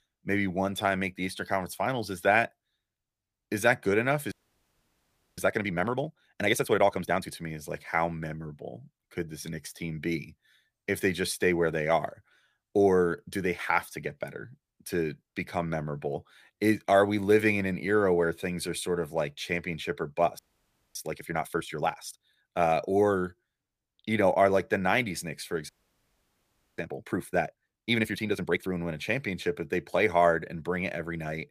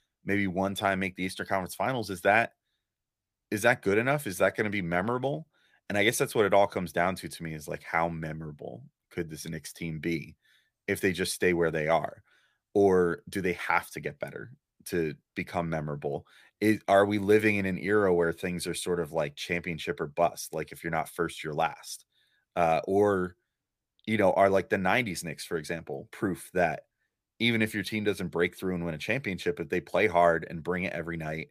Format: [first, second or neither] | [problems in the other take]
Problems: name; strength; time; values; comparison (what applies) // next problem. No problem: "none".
second | audio freezing; at 4.5 s for 1 s, at 20 s for 0.5 s and at 26 s for 1 s